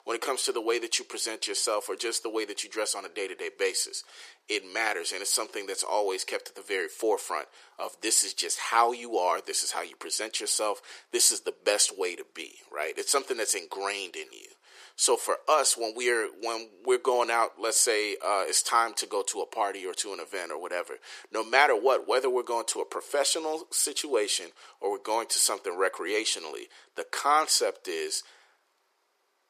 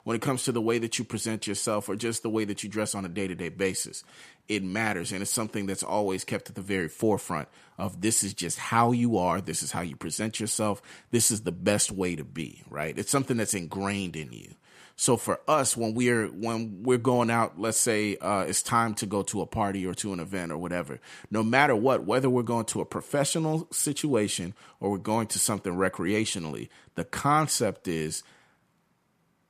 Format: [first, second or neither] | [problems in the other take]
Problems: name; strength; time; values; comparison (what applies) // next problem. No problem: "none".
second | thin; very; fading below 400 Hz